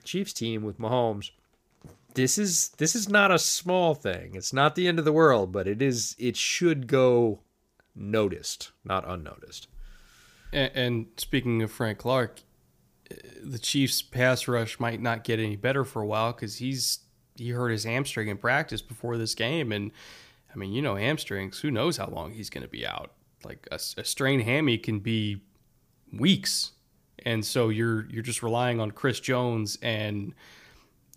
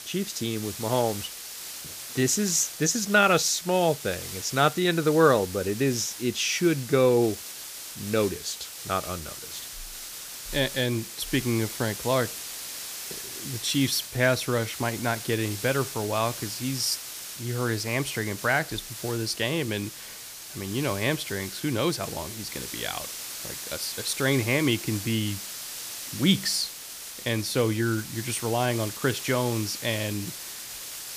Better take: first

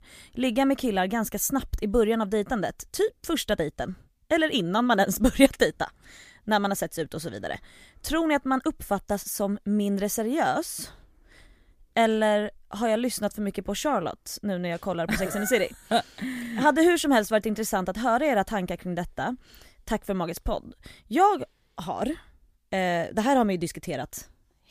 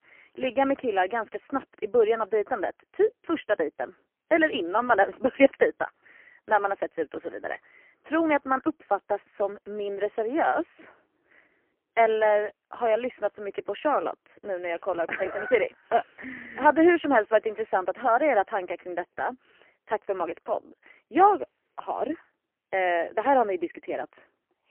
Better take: first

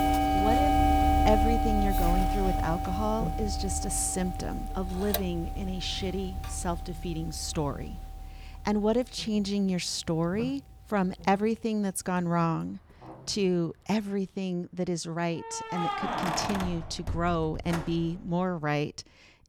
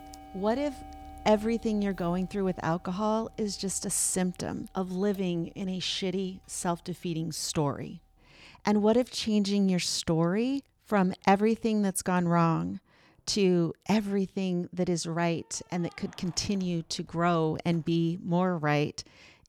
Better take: second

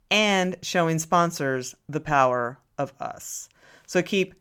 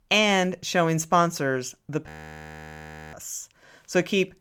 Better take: first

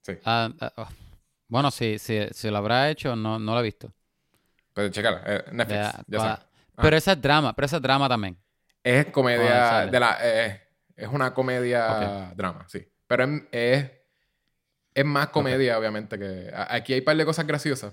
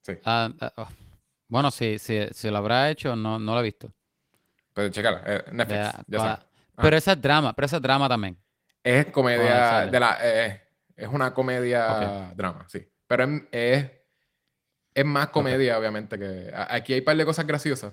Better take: first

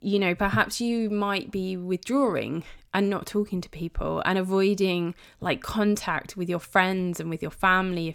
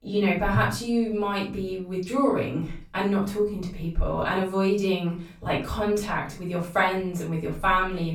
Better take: first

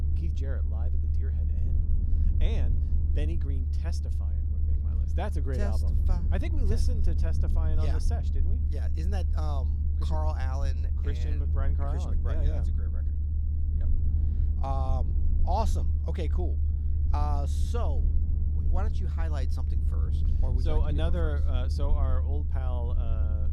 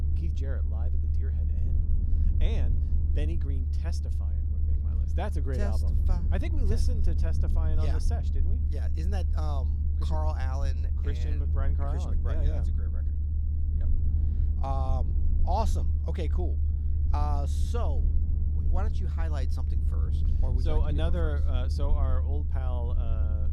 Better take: neither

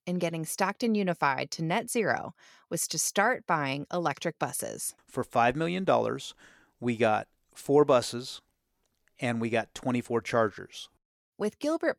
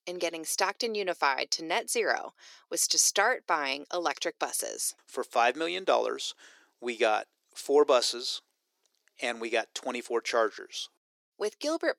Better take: first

